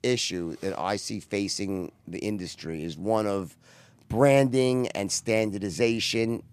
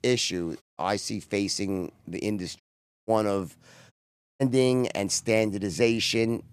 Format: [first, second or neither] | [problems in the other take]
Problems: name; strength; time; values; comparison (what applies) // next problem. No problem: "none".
first | audio cutting out; at 0.5 s, at 2.5 s and at 4 s